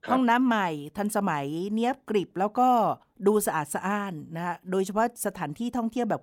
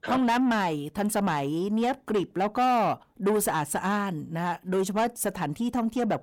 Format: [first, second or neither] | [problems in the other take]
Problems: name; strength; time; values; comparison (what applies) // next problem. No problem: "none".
first | distortion; slight; 10 dB below the speech